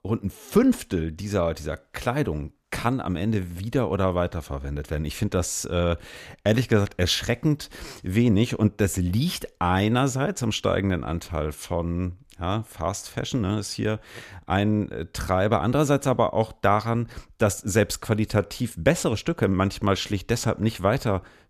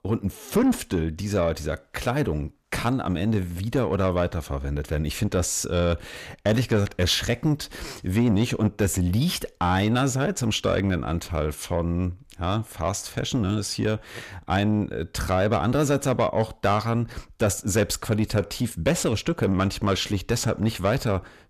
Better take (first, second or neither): first